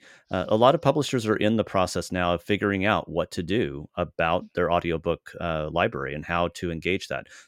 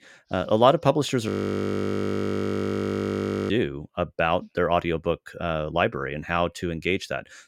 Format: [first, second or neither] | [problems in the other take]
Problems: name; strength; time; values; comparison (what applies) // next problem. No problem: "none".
first | audio freezing; at 1.5 s for 2 s